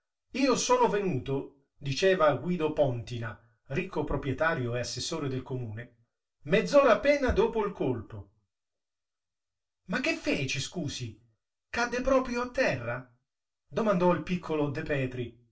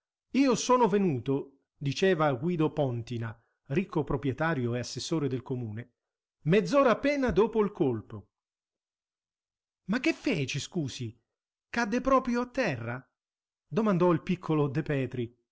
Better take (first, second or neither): second